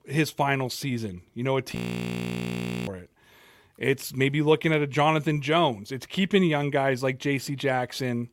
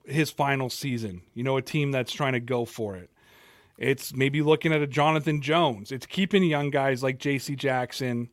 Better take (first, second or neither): second